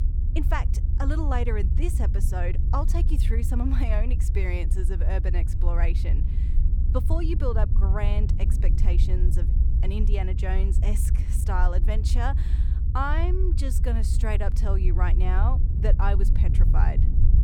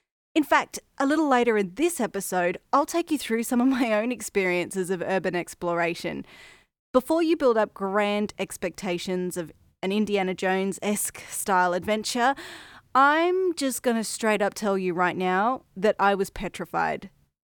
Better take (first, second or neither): second